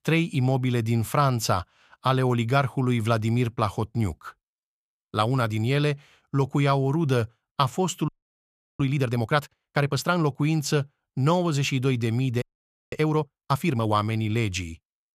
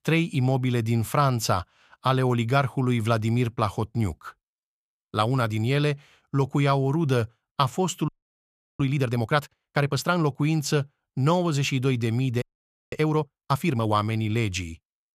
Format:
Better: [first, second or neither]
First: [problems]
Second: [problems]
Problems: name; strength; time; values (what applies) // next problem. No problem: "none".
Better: neither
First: audio freezing; at 8 s for 0.5 s and at 12 s for 0.5 s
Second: audio freezing; at 8 s for 0.5 s and at 12 s for 0.5 s